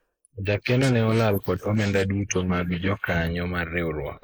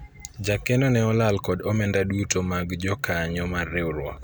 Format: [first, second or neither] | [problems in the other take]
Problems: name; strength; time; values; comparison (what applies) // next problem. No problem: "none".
second | noise reduction (neural mask model Resemble Enhance denoiser)